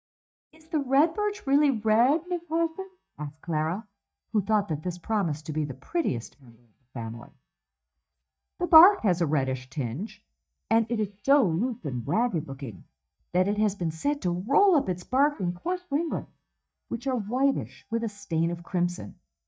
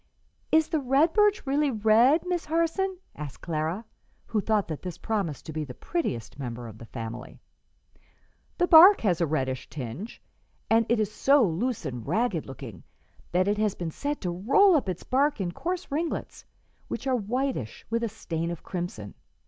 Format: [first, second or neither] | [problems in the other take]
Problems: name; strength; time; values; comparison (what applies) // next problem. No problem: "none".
second | noise reduction (neural mask model DeepFilterNet 3)